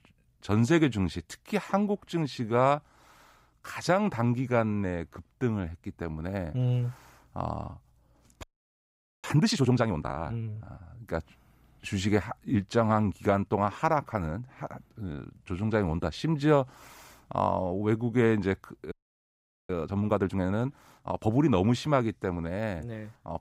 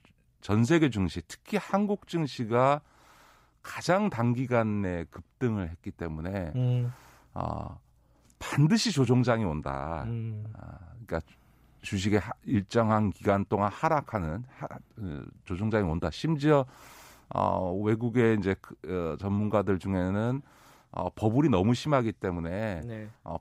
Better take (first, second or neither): second